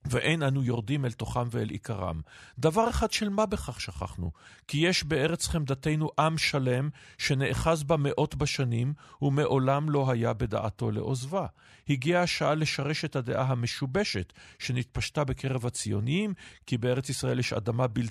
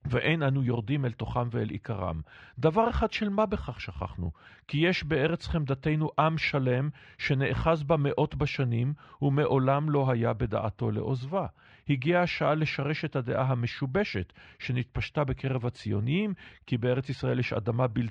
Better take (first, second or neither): first